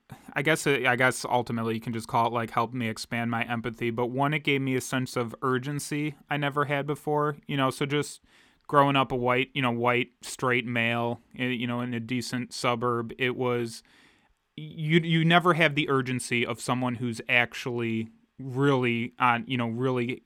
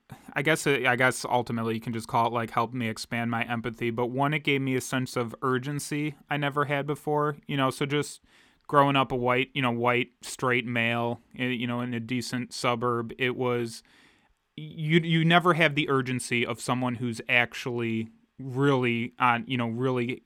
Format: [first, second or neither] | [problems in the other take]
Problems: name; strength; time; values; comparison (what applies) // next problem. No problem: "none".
neither | none